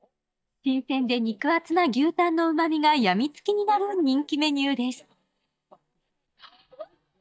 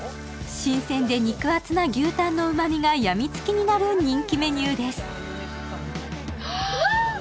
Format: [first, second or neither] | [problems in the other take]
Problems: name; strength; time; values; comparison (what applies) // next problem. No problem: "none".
second | noise reduction (neural mask model DeepFilterNet 3)